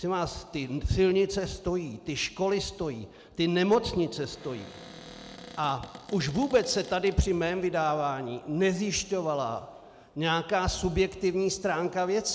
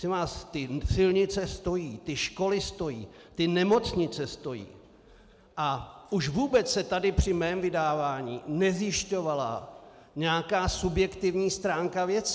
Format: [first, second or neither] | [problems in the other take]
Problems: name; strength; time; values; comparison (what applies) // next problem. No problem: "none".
second | background sound (Cupboard open or close); 18 dB below the speech